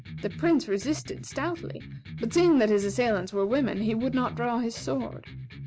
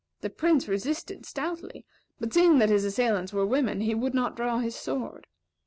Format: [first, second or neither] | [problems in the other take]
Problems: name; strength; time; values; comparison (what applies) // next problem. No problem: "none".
second | background sound (Electric guitar); 13 dB below the speech